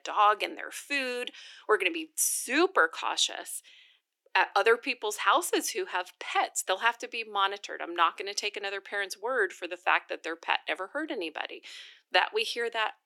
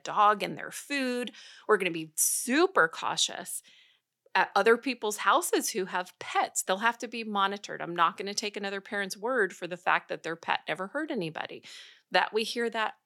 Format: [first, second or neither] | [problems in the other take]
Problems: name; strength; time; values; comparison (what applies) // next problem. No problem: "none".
second | thin; somewhat; fading below 300 Hz